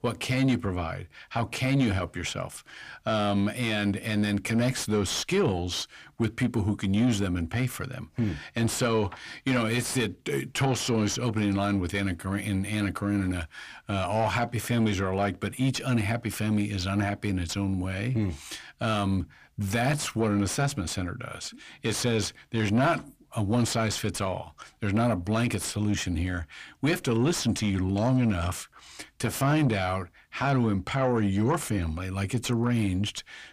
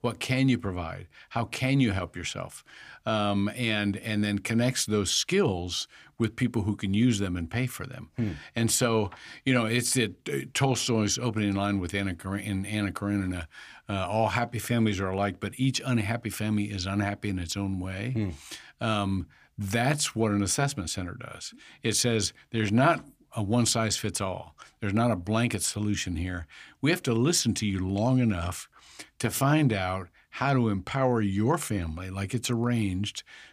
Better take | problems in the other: second | distortion; slight; 10 dB below the speech

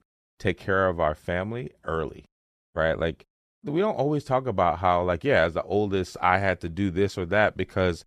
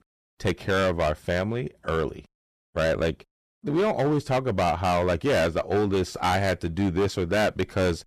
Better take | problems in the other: first | distortion; heavy; 13% of the sound clipped

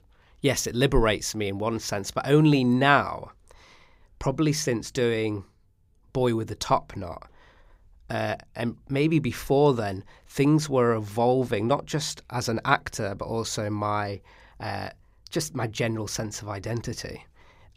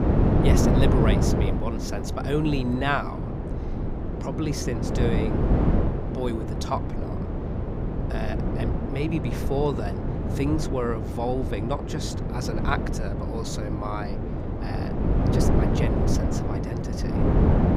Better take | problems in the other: first | wind noise on the microphone; heavy; 1 dB below the speech

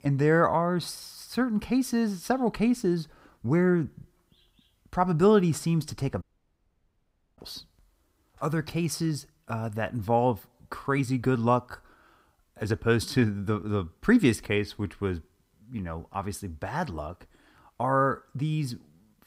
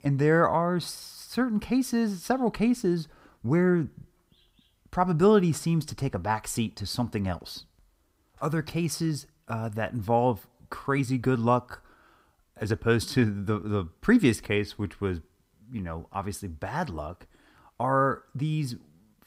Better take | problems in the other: second | audio cutting out; at 6 s for 1 s

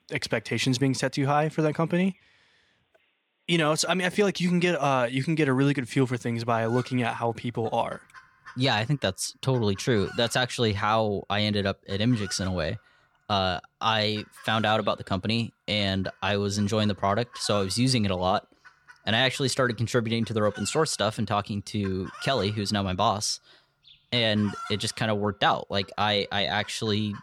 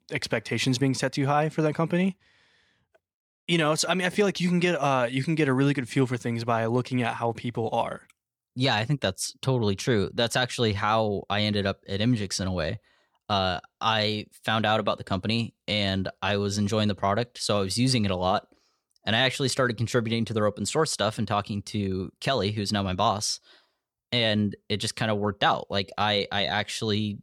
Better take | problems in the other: second | animal sounds; faint; throughout; 20 dB below the speech

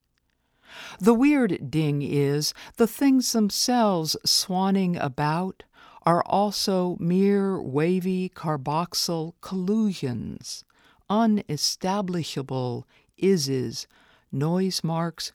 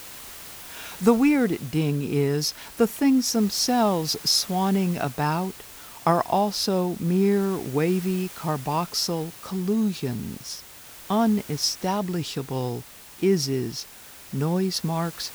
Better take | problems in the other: first | hiss; noticeable; throughout; 15 dB below the speech

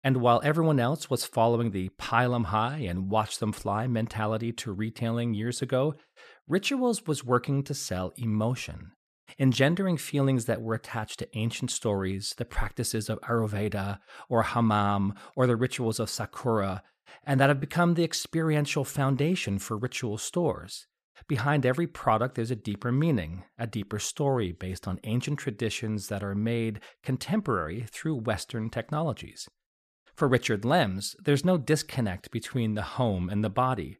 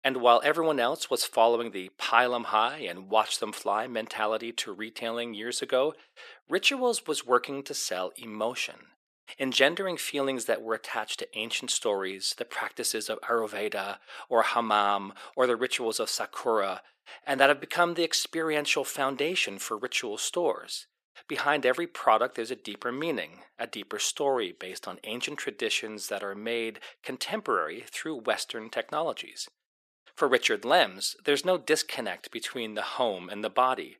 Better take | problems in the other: first | thin; very; fading below 350 Hz

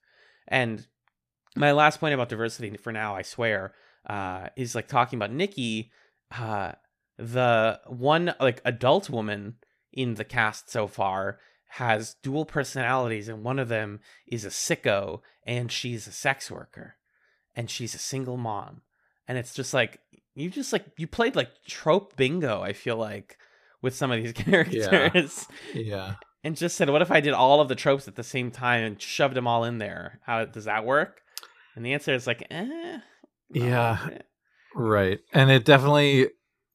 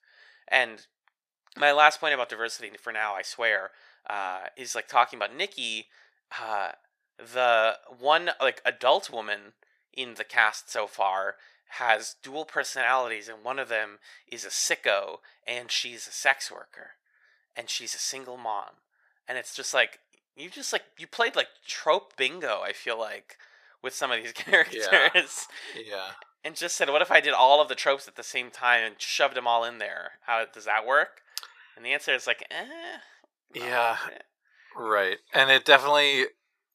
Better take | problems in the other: first | thin; very; fading below 700 Hz

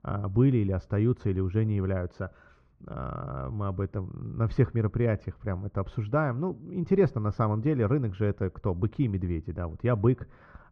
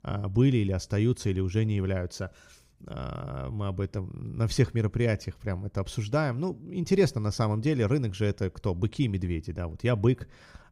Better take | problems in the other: second | muffled; very; fading above 1.5 kHz

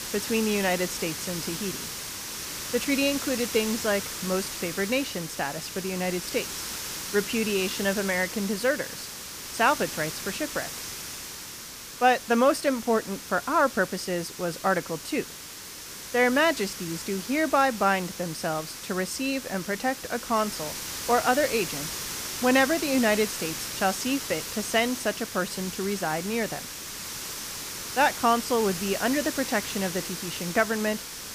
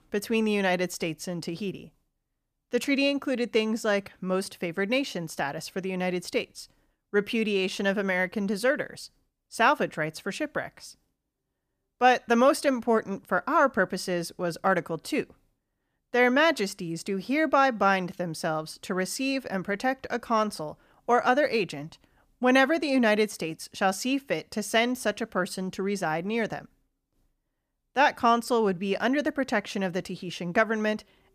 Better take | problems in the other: second | hiss; loud; throughout; 7 dB below the speech

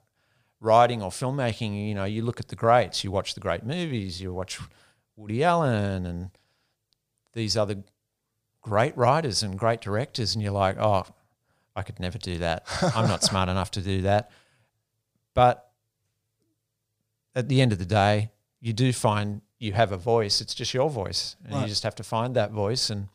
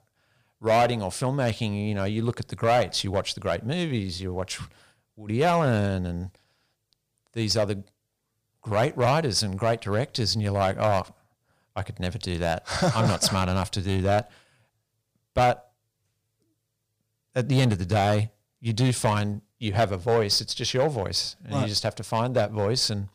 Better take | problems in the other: first | distortion; slight; 3% of the sound clipped

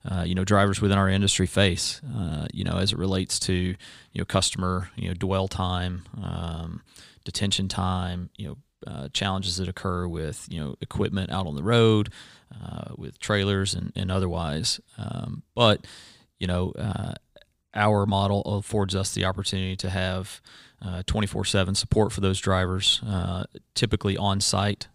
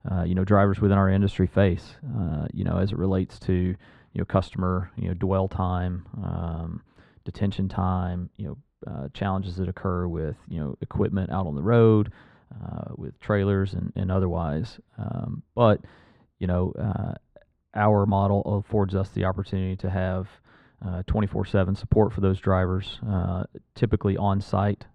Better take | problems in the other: first | muffled; very; fading above 3 kHz

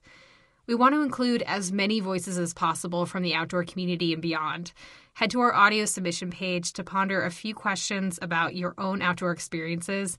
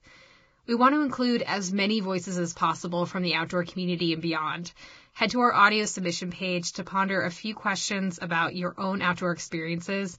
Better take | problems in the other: first | garbled, watery; badly; nothing above 7.5 kHz; slightly in the first

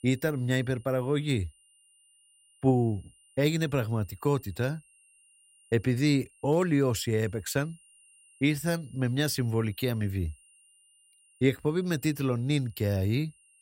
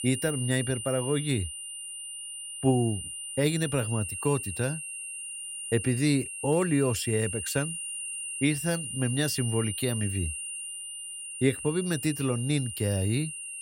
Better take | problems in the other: first | high-pitched whine; loud; throughout; 9 kHz, 6 dB below the speech; faint in the first

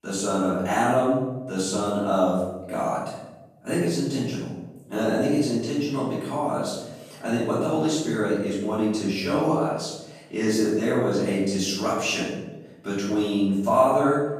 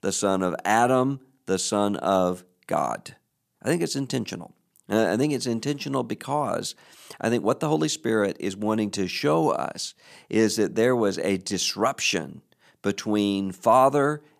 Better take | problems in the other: second | room echo; strong; dies away in 0.9 s // off-mic speech; far

